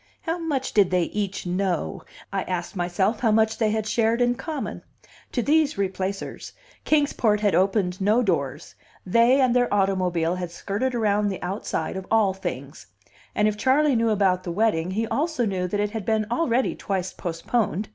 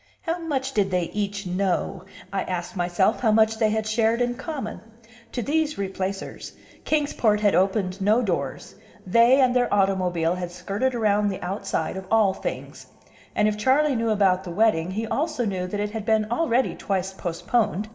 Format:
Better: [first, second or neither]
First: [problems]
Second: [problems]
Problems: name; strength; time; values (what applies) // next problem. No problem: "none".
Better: first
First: none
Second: room echo; dies away in 2.7 s